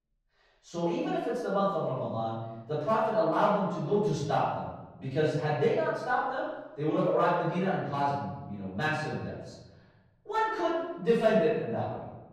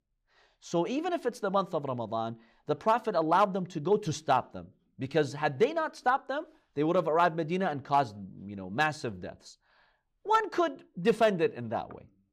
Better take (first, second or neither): second